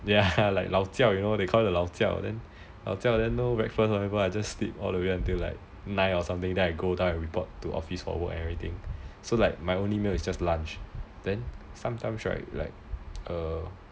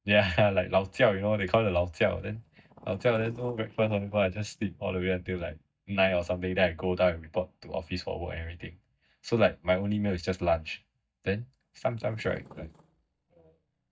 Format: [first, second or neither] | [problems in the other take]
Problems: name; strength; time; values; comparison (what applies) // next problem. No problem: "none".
first | noise reduction (neural mask model DeepFilterNet 3)